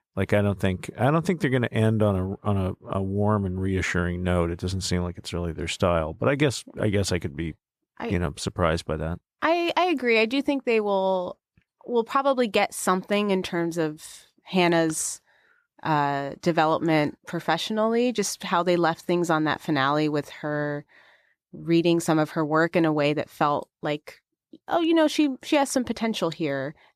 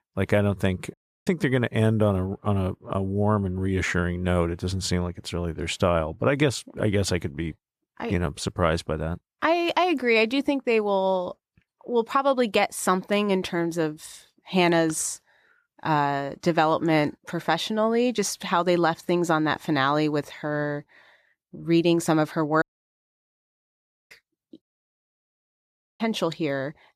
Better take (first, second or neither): first